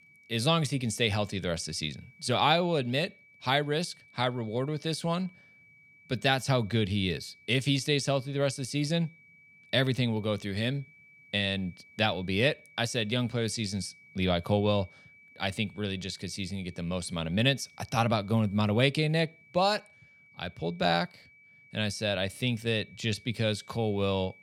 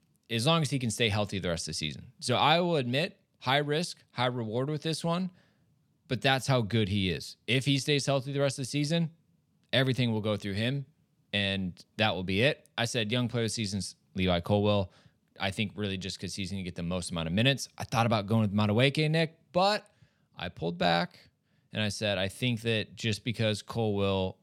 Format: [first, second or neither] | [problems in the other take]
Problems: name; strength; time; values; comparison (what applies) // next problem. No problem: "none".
second | high-pitched whine; faint; throughout; 2.5 kHz, 25 dB below the speech